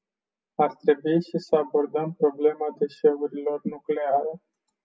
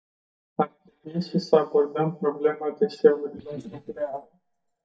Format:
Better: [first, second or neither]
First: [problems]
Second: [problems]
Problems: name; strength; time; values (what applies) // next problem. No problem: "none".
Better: first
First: none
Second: noise reduction (neural mask model DeepFilterNet 3)